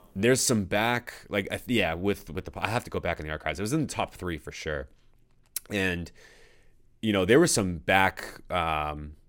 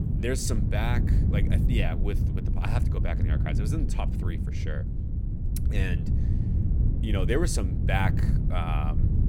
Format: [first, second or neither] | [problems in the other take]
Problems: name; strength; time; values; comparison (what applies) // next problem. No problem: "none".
first | wind noise on the microphone; heavy; 6 dB below the speech